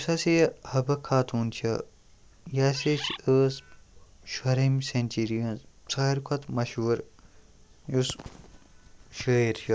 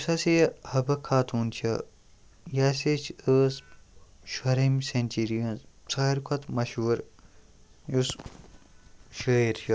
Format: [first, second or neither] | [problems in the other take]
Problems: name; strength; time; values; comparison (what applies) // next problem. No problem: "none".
second | background sound (Bird); 9 dB below the speech